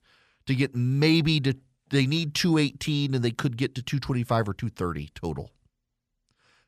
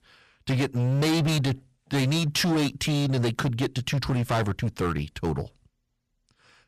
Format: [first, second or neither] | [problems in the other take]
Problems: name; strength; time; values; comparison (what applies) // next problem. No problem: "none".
first | distortion; heavy; 18% of the sound clipped